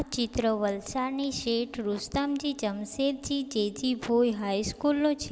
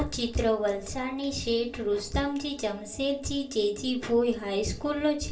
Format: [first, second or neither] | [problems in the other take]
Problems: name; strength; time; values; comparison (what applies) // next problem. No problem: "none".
first | room echo; dies away in 0.2 s